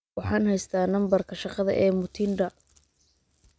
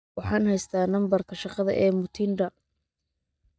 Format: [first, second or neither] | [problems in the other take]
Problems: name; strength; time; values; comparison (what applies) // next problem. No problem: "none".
first | noise reduction (neural mask model DeepFilterNet 3)